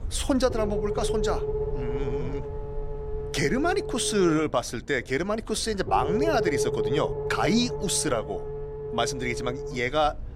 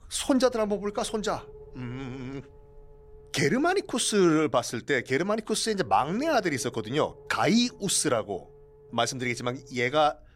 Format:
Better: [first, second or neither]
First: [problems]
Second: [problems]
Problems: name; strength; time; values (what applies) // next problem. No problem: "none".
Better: second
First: low rumble; loud; throughout; 6 dB below the speech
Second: low rumble; faint; throughout; 25 dB below the speech